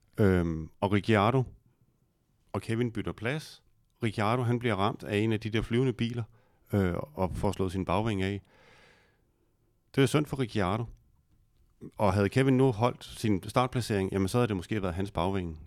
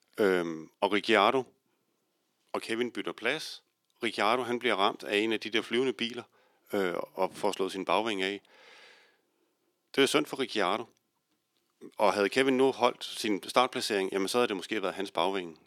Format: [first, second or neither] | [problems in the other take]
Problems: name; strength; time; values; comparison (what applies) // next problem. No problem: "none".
first | thin; somewhat; fading below 300 Hz